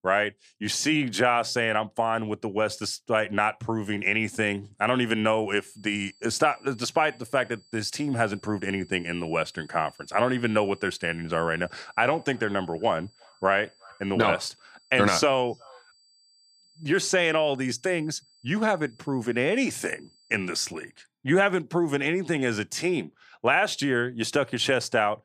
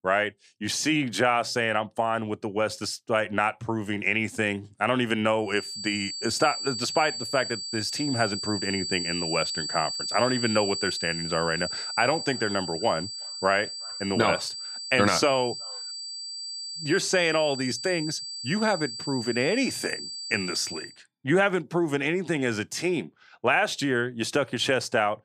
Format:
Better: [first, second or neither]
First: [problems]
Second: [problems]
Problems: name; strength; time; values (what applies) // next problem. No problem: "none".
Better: first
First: high-pitched whine; faint; from 5.5 to 21 s; 4.5 kHz, 30 dB below the speech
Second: high-pitched whine; loud; from 5.5 to 21 s; 4.5 kHz, 5 dB below the speech